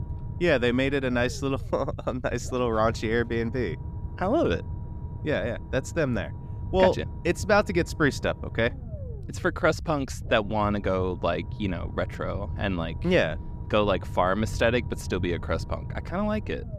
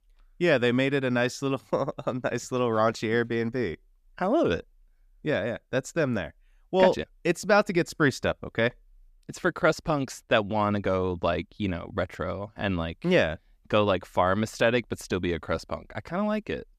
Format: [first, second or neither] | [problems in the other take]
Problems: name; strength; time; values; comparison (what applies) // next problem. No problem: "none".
second | low rumble; faint; throughout; 20 dB below the speech